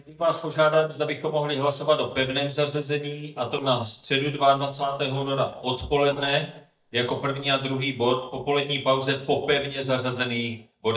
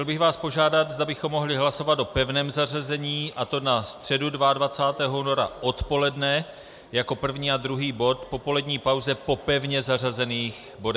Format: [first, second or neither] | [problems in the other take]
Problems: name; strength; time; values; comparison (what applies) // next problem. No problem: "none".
second | noise reduction (neural mask model DeepFilterNet 3)